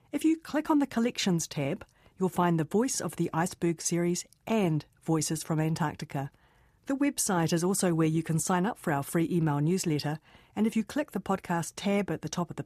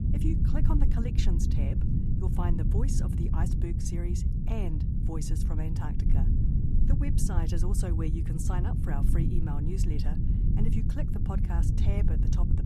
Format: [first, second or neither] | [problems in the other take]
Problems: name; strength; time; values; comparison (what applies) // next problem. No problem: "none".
first | low rumble; loud; throughout; as loud as the speech